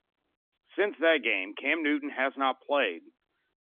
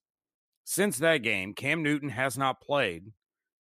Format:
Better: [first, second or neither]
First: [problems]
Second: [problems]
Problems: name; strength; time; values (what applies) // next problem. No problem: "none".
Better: second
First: phone-call audio; nothing above 3.5 kHz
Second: none